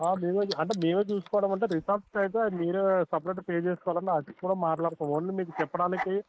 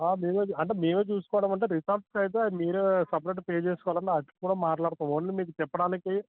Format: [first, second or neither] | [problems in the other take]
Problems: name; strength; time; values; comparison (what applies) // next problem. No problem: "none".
second | noise reduction (neural mask model Resemble Enhance denoiser)